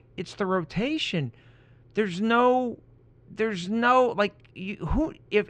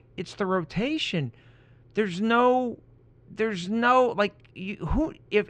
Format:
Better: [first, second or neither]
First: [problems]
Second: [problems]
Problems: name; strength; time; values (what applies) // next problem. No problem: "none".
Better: neither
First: muffled; slightly; fading above 2.5 kHz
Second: muffled; slightly; fading above 2.5 kHz